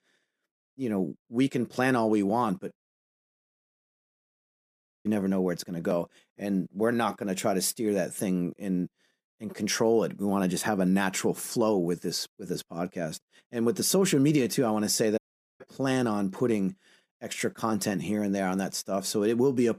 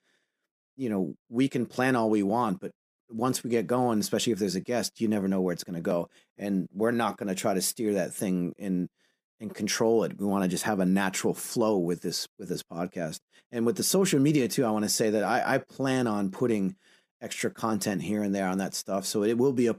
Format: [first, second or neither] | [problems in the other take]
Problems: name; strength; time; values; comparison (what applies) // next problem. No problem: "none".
second | audio cutting out; at 3 s for 2 s and at 15 s